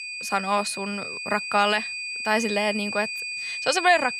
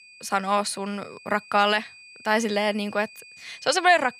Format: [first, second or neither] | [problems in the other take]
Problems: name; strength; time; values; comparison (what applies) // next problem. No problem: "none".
second | high-pitched whine; loud; throughout; 2.5 kHz, 5 dB below the speech; faint in the second